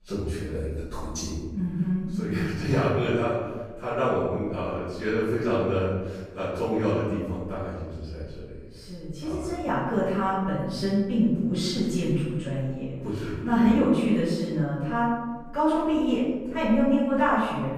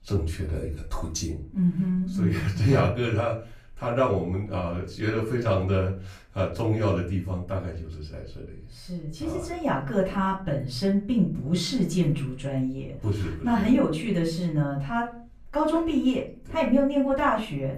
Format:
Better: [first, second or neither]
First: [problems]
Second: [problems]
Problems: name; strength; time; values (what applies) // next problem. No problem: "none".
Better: second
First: room echo; strong; dies away in 1.3 s // off-mic speech; far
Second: room echo; slight; dies away in 0.4 s // off-mic speech; far